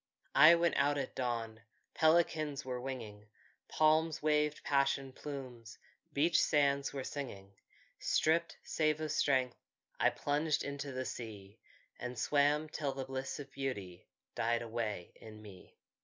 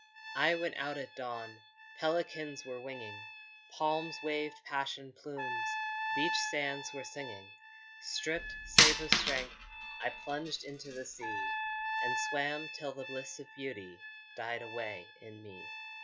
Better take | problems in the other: first | noise reduction (classical method log-MMSE)

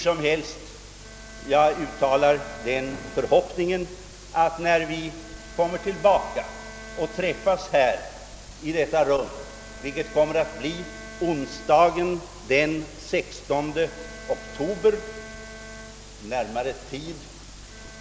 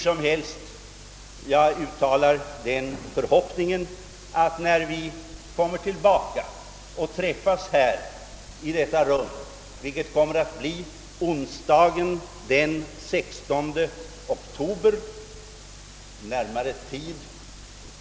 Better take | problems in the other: second | background sound (Bowed string instrument); 20 dB below the speech

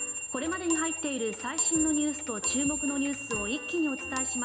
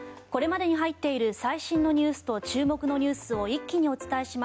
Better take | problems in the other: second | background sound (Clock); as loud as the speech // room echo; dies away in 1.6 s

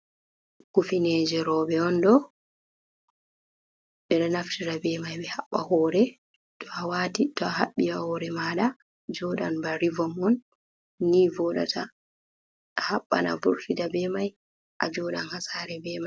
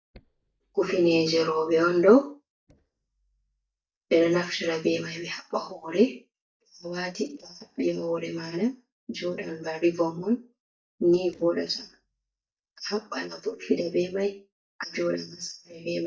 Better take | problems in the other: first | noise reduction (neural mask model DeepFilterNet 3)

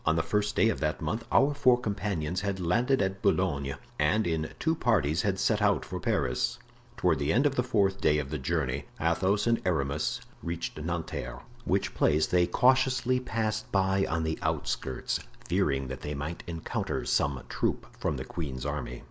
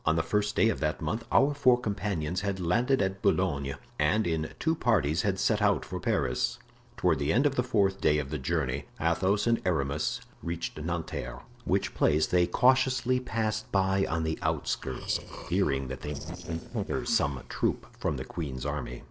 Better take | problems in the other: first | noise reduction (neural separator model SepFormer DNS4)

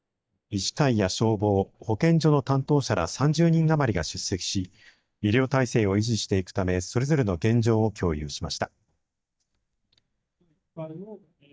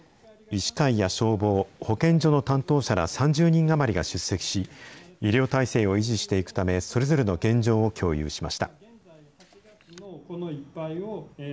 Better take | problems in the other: second | noise reduction (neural mask model DeepFilterNet 3)

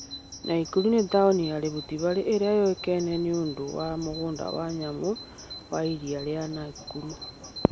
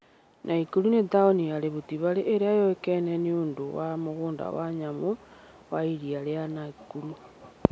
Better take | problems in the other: second | background sound (Bird vocalization, bird call, bird song); 15 dB below the speech

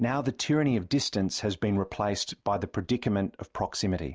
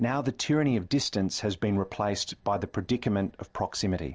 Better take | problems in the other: first | noise reduction (neural separator model SepFormer DNS4)

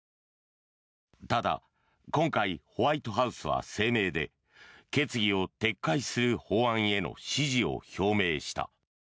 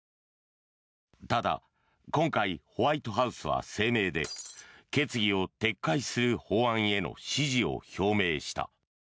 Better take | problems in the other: first | background sound (Shatter); 12 dB below the speech

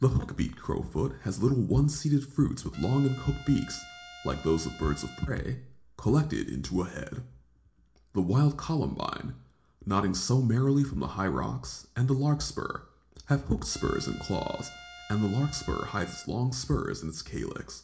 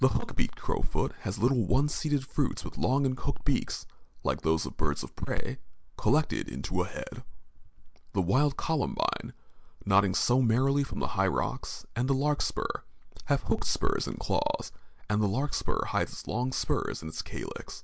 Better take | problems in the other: second | background sound (Trumpet); 18 dB below the speech // room echo; dies away in 0.4 s

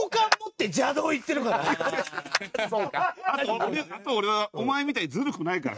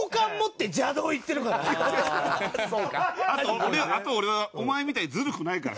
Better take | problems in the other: second | noise reduction (neural mask model RNNoise)

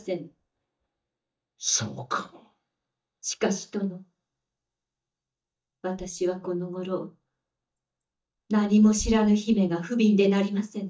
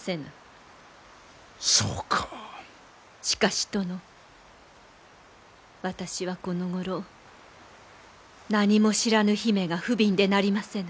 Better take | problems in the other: second | noise reduction (neural mask model DeepFilterNet 3)

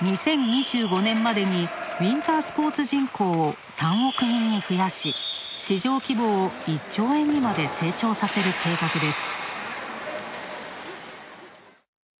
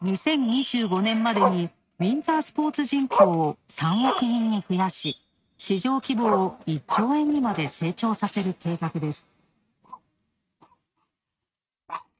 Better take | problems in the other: first | noise reduction (neural mask model RNNoise)

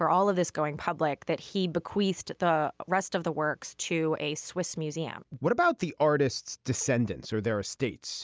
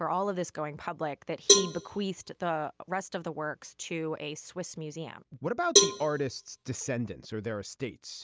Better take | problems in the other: first | background sound (Cowbell); 4 dB above the speech

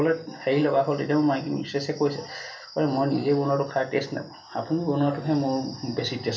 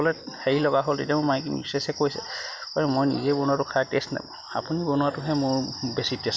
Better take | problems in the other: second | room echo; dies away in 0.3 s

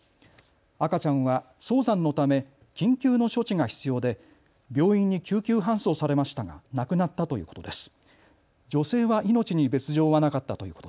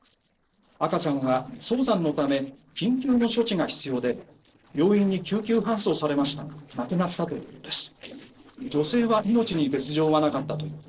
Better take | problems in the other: first | noise reduction (neural separator model SepFormer DNS4)

